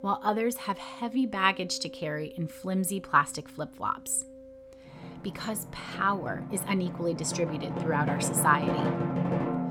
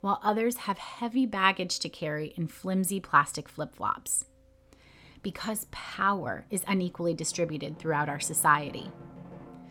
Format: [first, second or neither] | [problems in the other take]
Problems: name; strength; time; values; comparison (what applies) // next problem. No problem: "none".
second | background music; loud; throughout; 5 dB below the speech; faint in the second